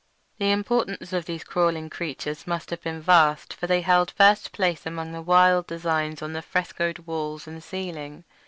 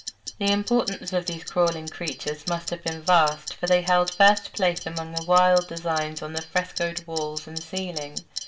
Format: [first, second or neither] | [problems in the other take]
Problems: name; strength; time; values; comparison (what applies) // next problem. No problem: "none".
first | background sound (Clock); 12 dB below the speech // room echo; dies away in 0.3 s